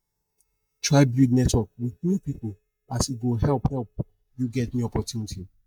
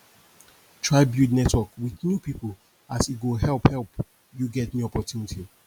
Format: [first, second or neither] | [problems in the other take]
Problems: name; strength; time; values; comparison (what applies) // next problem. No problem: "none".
second | noise reduction (neural mask model DeepFilterNet 3)